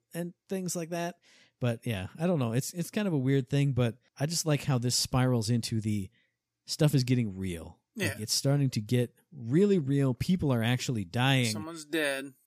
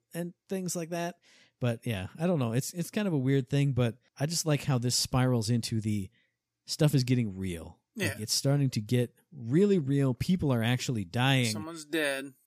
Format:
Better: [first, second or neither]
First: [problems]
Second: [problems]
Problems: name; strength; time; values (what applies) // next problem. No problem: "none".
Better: neither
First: none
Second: none